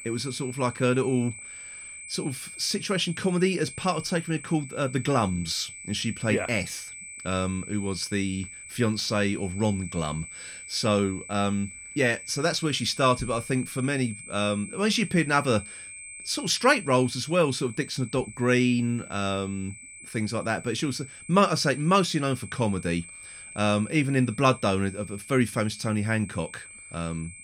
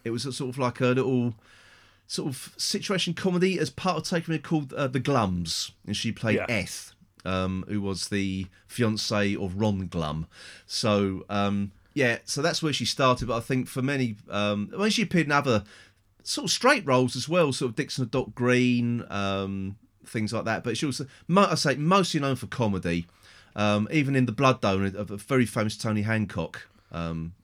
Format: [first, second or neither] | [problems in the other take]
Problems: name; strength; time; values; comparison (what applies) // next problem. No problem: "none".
second | high-pitched whine; noticeable; throughout; 8 kHz, 15 dB below the speech